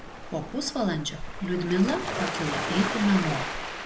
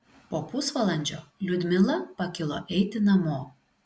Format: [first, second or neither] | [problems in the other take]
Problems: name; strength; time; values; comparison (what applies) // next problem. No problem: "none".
second | background sound (Waves, surf); 5 dB below the speech